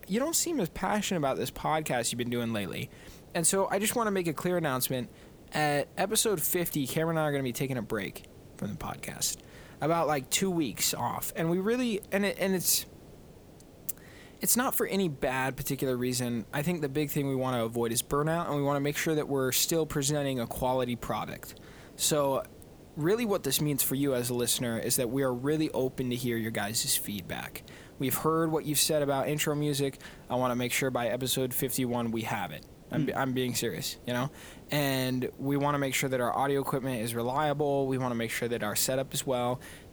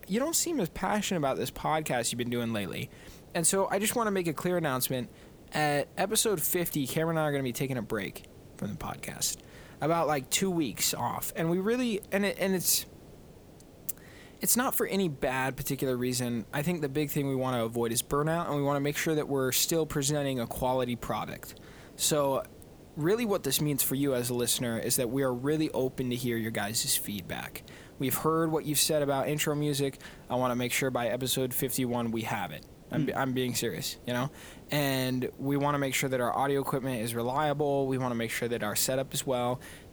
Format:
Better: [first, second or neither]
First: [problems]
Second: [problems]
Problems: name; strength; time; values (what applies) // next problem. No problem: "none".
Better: neither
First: hiss; faint; throughout; 25 dB below the speech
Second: hiss; faint; throughout; 25 dB below the speech